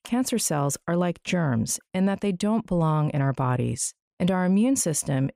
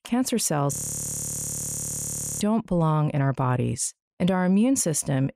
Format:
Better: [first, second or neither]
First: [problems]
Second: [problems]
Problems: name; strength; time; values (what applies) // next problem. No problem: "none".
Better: first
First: none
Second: audio freezing; at 0.5 s for 1.5 s